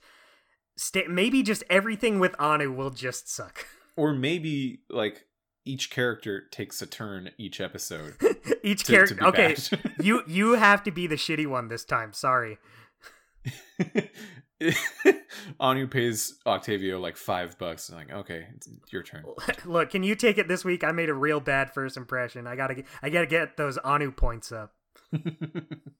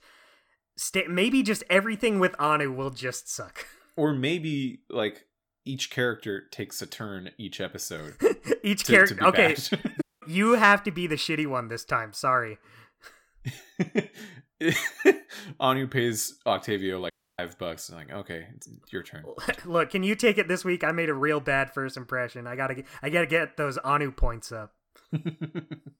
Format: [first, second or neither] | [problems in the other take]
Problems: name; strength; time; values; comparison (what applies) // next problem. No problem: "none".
first | audio cutting out; at 10 s and at 17 s